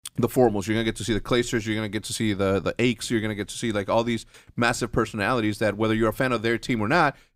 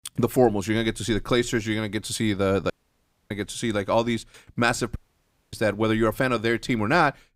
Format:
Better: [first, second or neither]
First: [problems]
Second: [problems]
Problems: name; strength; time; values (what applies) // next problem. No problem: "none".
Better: first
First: none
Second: audio cutting out; at 2.5 s for 0.5 s and at 5 s for 0.5 s